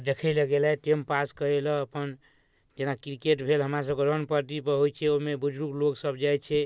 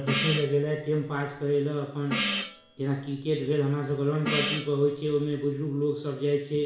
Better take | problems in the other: first | background sound (Gong); 6 dB below the speech // room echo; dies away in 0.7 s

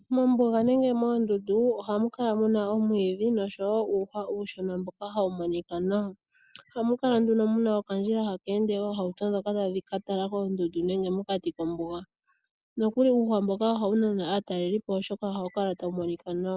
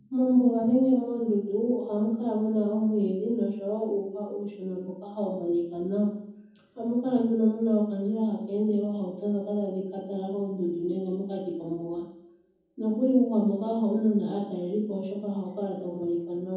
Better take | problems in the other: first | room echo; dies away in 0.9 s

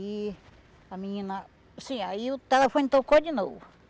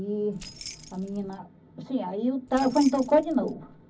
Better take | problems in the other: first | background sound (Keys jangling); 17 dB below the speech // room echo; dies away in 0.4 s

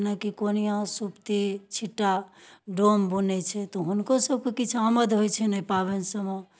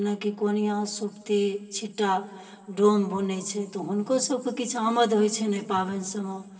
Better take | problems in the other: first | room echo; dies away in 2.9 s

